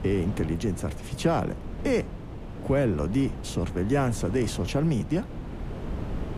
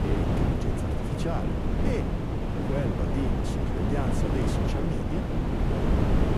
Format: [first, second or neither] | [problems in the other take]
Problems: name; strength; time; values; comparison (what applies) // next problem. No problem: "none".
first | wind noise on the microphone; heavy; 4 dB above the speech; occasional gusts in the first